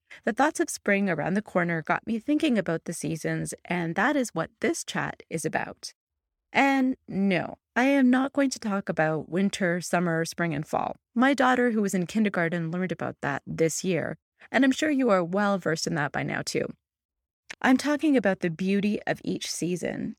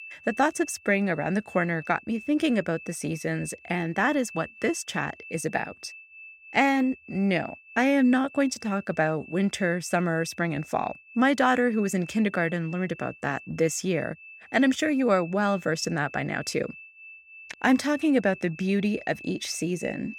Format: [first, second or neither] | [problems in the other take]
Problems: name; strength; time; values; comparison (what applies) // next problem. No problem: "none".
first | high-pitched whine; noticeable; throughout; 2.5 kHz, 20 dB below the speech